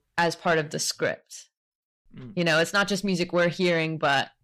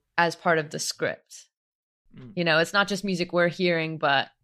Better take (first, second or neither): second